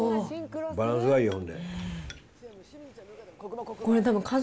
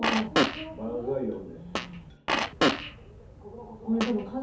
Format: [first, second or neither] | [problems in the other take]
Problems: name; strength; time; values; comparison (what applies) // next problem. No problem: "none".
first | background sound (Fart); 3 dB above the speech // room echo; dies away in 0.5 s